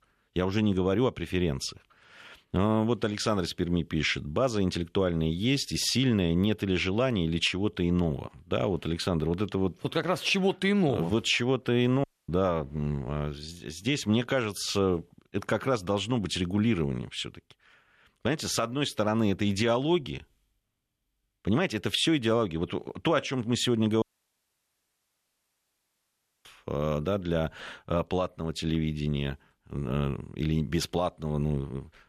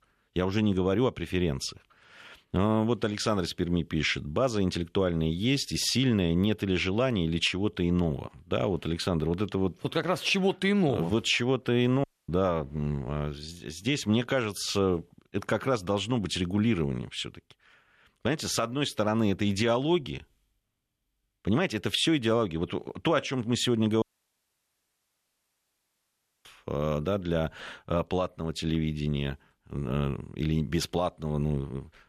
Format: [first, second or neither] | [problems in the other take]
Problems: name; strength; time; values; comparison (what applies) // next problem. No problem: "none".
neither | audio cutting out; at 12 s and at 24 s for 2.5 s; the same in both